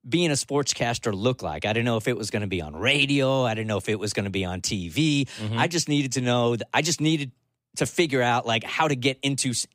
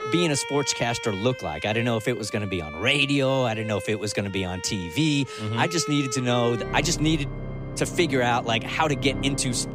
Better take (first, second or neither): first